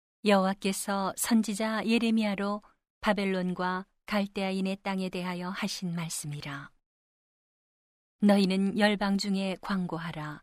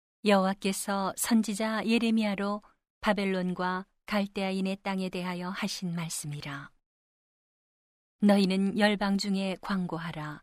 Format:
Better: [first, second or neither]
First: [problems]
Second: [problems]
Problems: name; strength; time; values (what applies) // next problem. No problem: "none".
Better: neither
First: none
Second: none